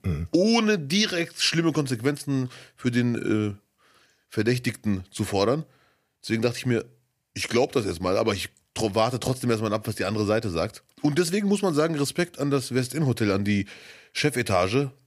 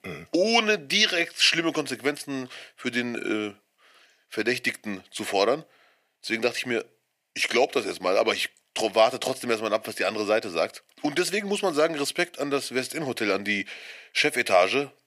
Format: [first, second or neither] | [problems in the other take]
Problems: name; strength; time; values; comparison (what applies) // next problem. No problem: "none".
first | thin; somewhat; fading below 350 Hz